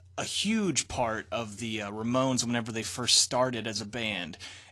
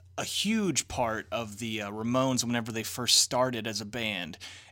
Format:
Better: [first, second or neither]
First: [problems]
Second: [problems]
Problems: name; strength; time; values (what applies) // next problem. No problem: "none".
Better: second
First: garbled, watery; slightly; nothing above 11 kHz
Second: none